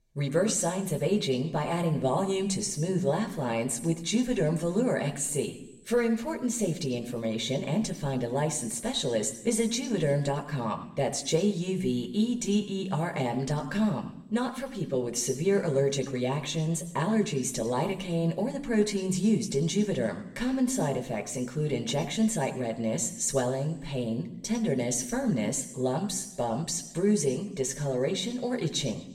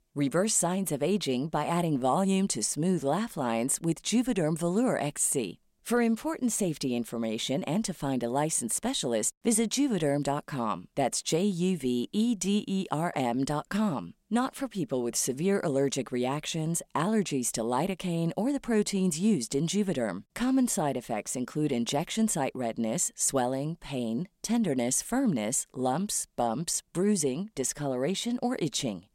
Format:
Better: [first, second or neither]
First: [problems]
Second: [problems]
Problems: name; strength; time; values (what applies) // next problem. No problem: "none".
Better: second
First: room echo; slight; dies away in 0.8 s // off-mic speech; somewhat distant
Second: none